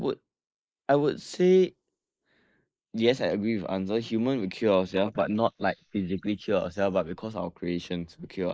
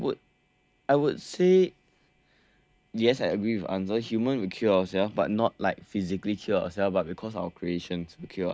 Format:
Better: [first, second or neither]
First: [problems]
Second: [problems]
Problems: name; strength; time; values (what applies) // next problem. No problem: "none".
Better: second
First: noise reduction (neural mask model Resemble Enhance denoiser)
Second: none